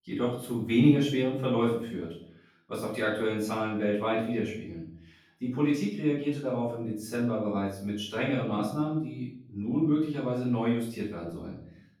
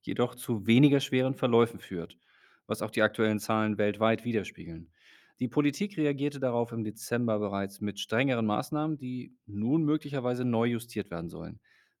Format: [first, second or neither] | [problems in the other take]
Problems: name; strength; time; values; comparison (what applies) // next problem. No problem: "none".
second | off-mic speech; far // room echo; noticeable; dies away in 0.5 s